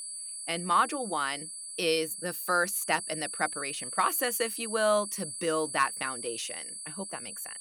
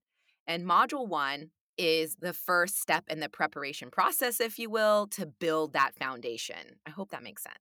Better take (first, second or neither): second